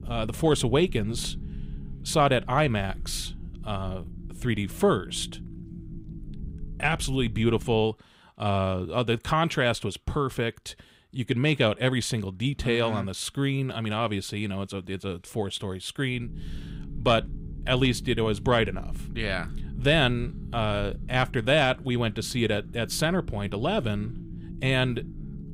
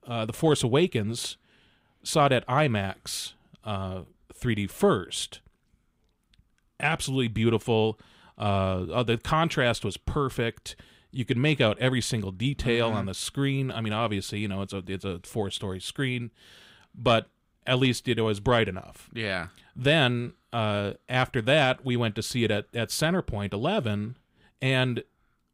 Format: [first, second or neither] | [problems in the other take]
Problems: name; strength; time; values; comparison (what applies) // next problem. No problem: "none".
second | low rumble; faint; until 8 s and from 16 s on; 25 dB below the speech